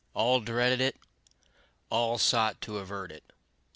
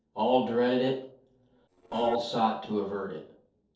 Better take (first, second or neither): first